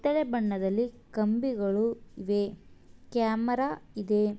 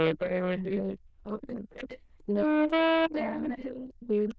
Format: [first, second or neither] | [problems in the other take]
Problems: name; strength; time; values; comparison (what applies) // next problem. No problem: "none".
first | noise reduction (neural diffusion model UNIVERSE++)